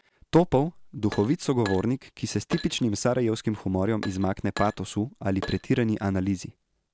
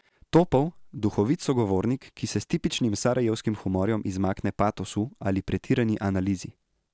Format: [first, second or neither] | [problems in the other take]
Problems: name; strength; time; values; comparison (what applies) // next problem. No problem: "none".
second | background sound (Glass); 16 dB below the speech